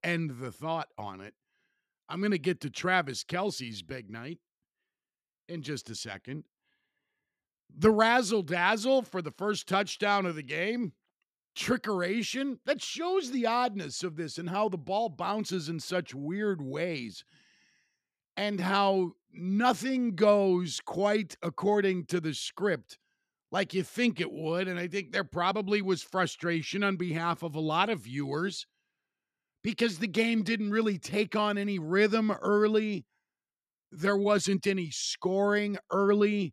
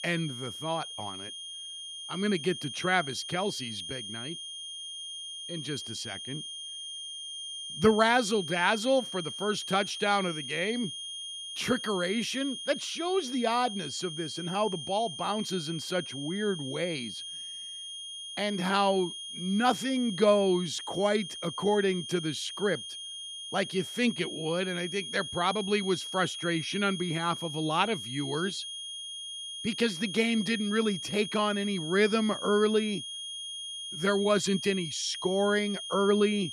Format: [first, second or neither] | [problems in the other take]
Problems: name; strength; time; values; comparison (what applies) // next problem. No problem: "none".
first | high-pitched whine; loud; throughout; 3.5 kHz, 8 dB below the speech